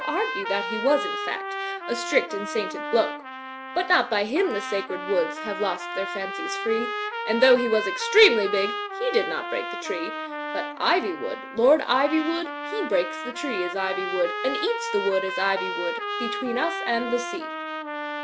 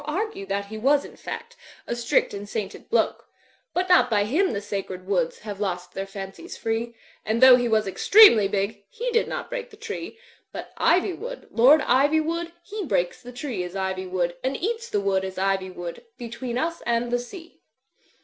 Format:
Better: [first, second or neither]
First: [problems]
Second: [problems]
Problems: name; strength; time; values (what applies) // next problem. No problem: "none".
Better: second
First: background sound (Trumpet); 6 dB below the speech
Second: none